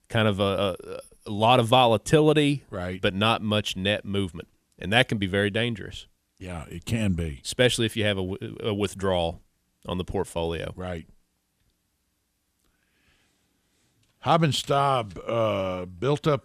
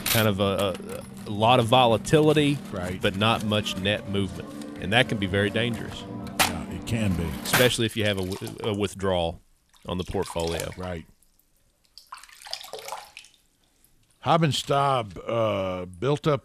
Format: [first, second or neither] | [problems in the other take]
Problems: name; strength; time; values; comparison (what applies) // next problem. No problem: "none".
first | household noises; loud; throughout; 8 dB below the speech